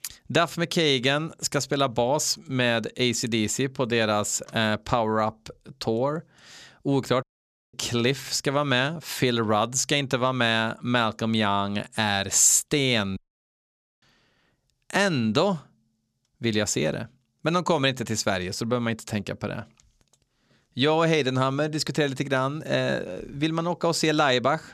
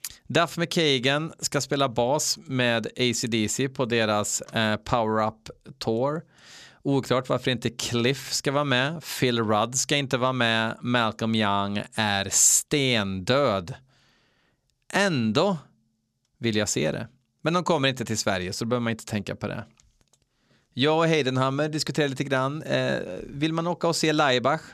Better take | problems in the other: second | audio cutting out; at 7 s for 0.5 s and at 13 s for 1 s

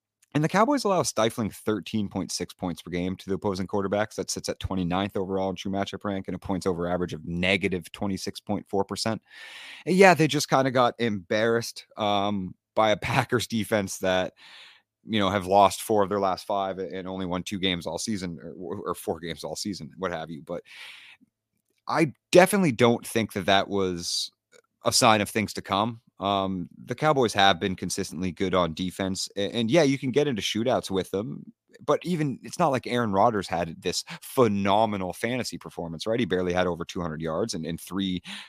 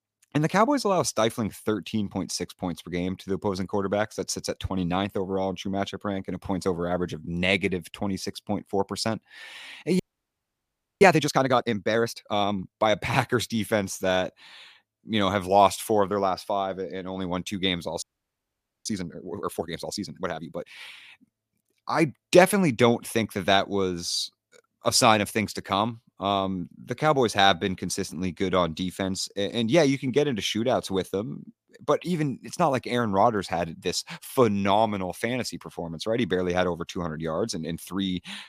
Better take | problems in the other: first | audio freezing; at 10 s for 1 s and at 18 s for 1 s

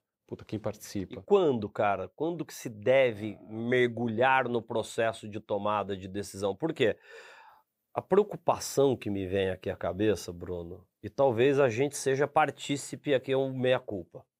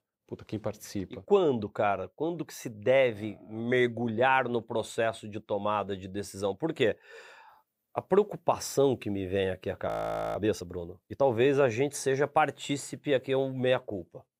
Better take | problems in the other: first | audio freezing; at 10 s

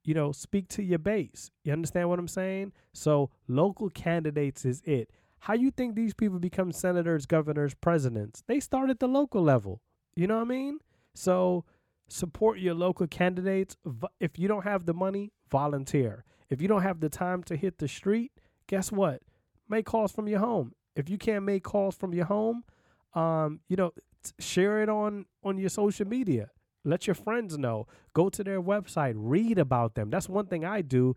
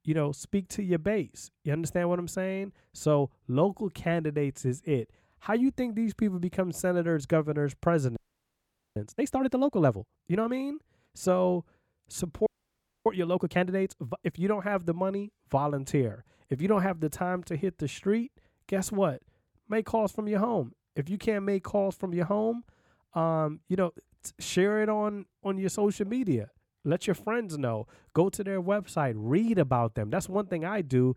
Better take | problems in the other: first | audio freezing; at 8 s for 1 s and at 12 s for 0.5 s

